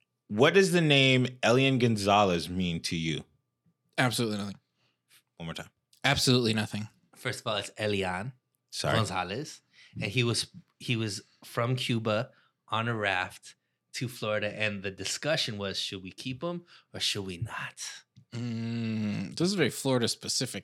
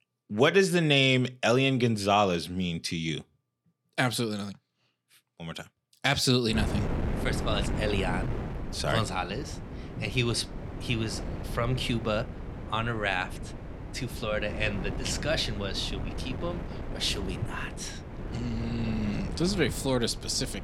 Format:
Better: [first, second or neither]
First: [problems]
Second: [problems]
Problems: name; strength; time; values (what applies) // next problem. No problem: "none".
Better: first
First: none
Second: wind noise on the microphone; occasional gusts; from 6.5 s on; 15 dB below the speech